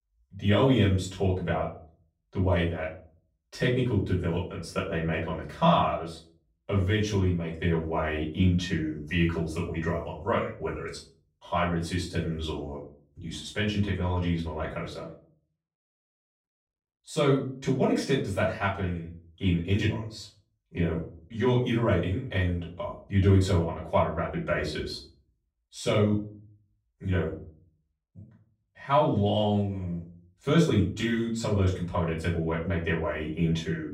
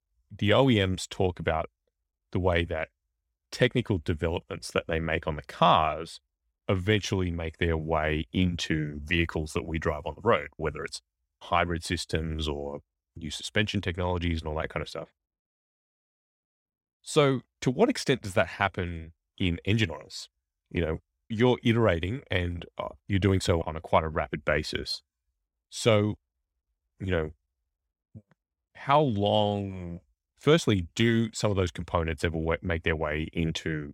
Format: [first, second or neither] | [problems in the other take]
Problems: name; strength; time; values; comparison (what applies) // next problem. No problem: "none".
second | off-mic speech; far // room echo; slight; dies away in 0.4 s